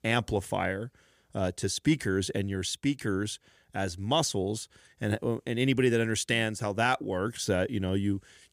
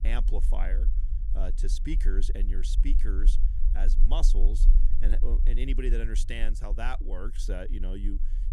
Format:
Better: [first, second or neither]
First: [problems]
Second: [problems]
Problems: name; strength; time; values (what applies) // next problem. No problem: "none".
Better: first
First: none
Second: low rumble; noticeable; throughout; 15 dB below the speech